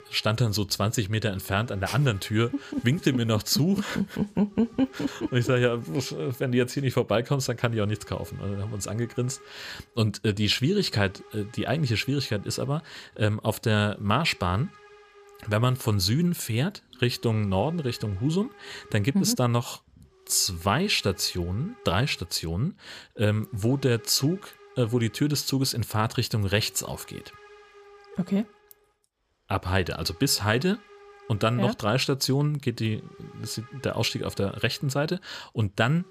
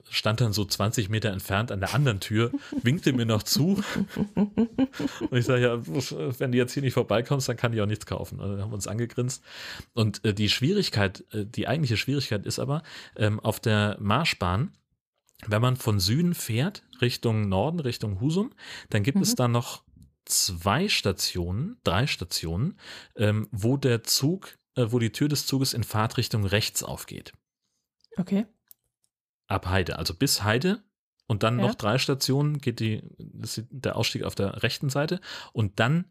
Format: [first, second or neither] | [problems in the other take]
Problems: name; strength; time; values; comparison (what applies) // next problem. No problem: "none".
second | hiss; faint; throughout; 25 dB below the speech